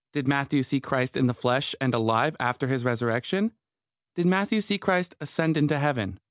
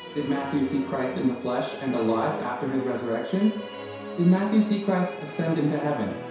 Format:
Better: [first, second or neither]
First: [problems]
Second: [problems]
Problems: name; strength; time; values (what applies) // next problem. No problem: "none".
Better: first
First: none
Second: background sound (Musical instrument); 12 dB below the speech // room echo; dies away in 0.7 s